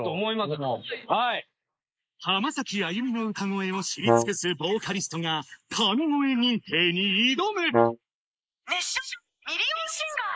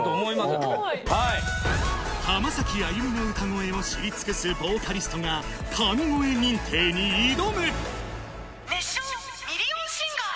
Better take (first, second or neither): second